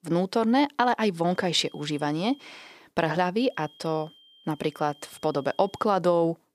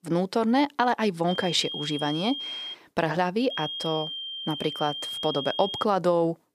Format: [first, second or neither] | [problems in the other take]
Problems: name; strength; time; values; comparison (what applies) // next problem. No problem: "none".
first | high-pitched whine; loud; from 1.5 to 2.5 s and from 3.5 to 6 s; 3 kHz, 6 dB below the speech; faint in the first